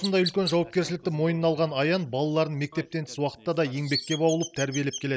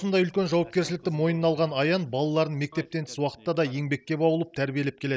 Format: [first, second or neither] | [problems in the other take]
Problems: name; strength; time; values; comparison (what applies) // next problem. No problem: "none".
second | background sound (Chirp, tweet); 14 dB below the speech